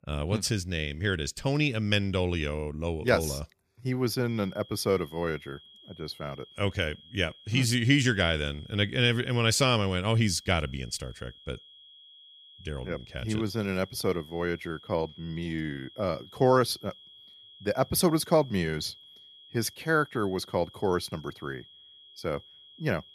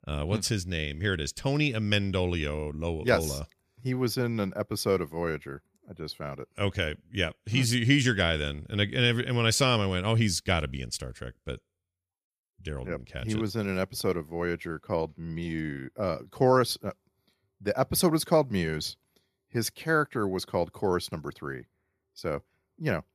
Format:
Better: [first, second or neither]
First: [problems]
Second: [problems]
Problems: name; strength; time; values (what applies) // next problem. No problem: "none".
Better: second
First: high-pitched whine; faint; from 4.5 s on; 3.5 kHz, 20 dB below the speech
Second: none